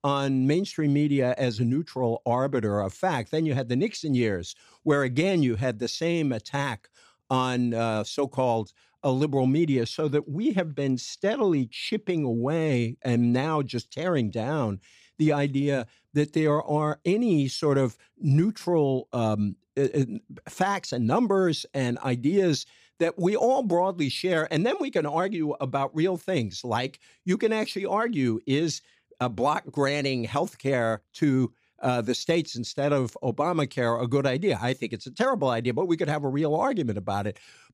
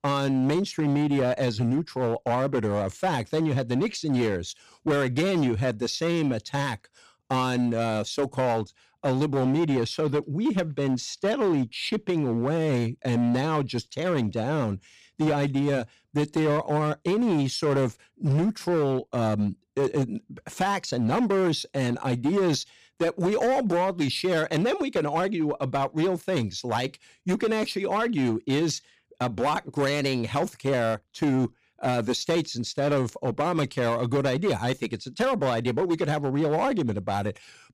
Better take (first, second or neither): first